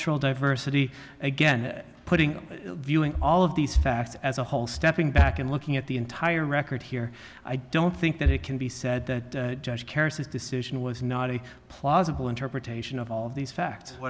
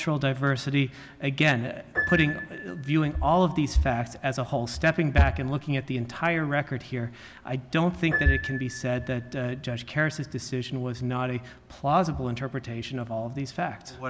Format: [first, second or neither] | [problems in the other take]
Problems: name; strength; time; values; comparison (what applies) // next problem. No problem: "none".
first | background sound (Piano); 13 dB below the speech